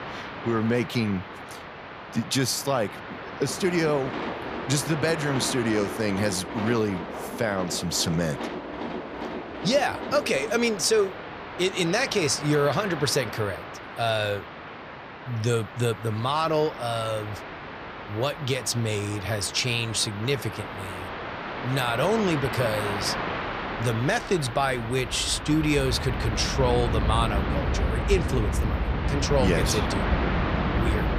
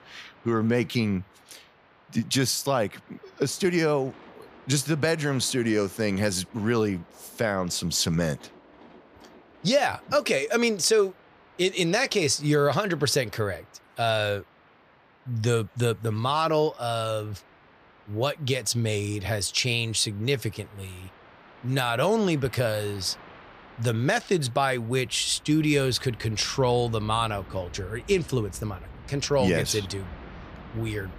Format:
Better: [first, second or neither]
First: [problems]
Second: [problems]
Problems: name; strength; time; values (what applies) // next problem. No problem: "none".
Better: second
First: train or aircraft noise; loud; throughout; 6 dB below the speech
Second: train or aircraft noise; faint; throughout; 25 dB below the speech